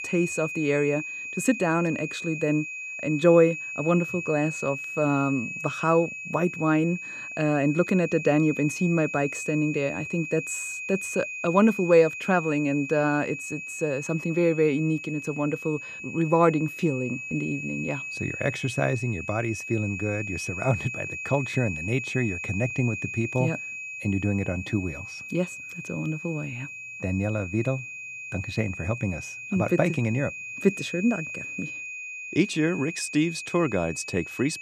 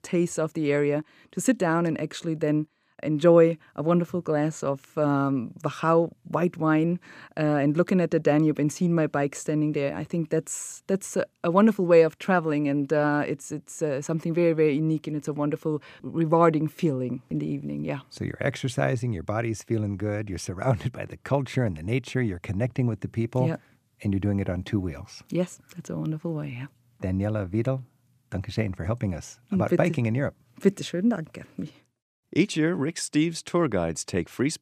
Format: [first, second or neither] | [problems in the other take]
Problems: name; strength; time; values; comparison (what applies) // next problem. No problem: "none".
second | high-pitched whine; loud; throughout; 2.5 kHz, 7 dB below the speech